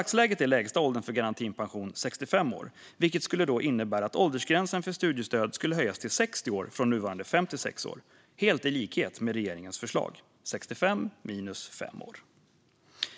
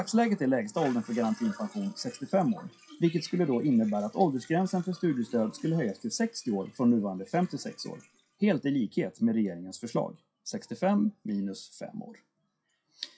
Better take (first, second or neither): first